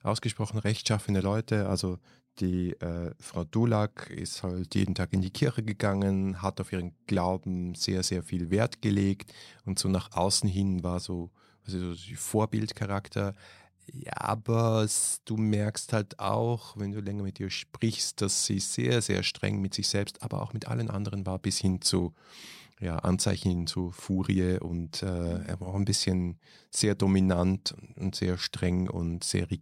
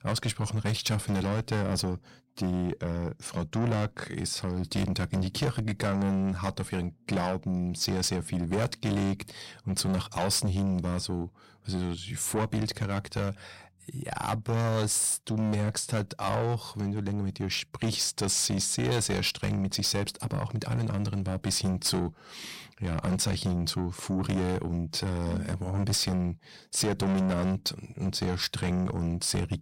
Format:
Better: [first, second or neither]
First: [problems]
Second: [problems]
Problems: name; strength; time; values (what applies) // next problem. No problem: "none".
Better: first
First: none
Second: distortion; heavy; 7 dB below the speech